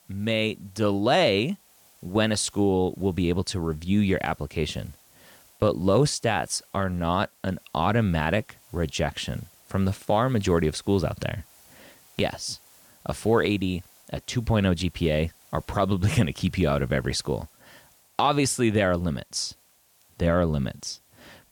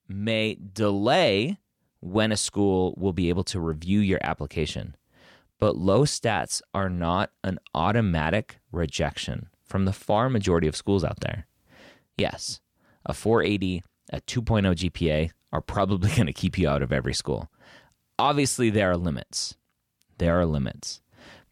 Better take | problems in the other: second | hiss; faint; throughout; 30 dB below the speech

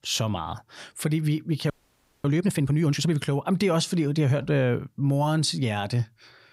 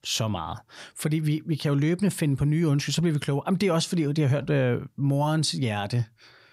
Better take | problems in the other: second | audio freezing; at 1.5 s for 0.5 s

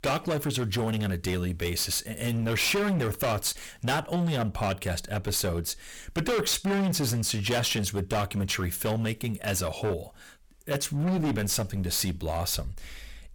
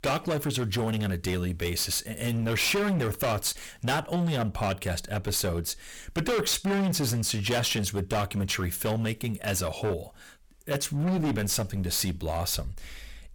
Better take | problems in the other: neither | distortion; heavy; 19% of the sound clipped; the same in both

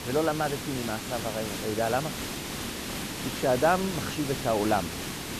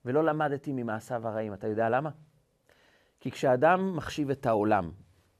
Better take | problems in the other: second | hiss; loud; throughout; 5 dB below the speech

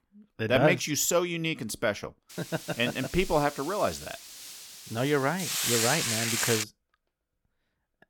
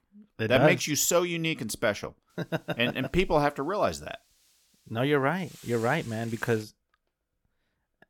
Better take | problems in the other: second | hiss; loud; from 2.5 to 6.5 s; 2 dB below the speech; faint in the second

